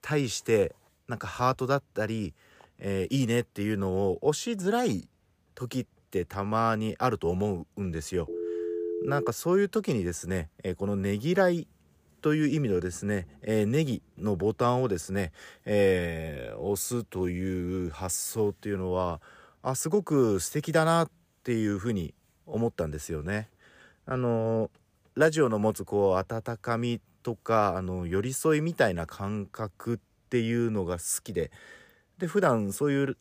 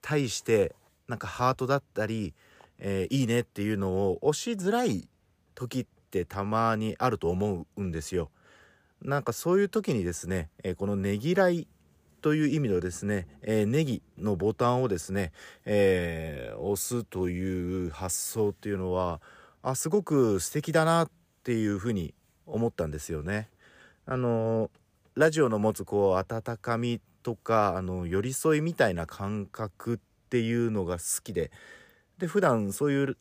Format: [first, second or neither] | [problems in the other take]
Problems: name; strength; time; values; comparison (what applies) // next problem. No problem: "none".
second | phone ringing; noticeable; from 8.5 to 9.5 s; peak 3 dB below the speech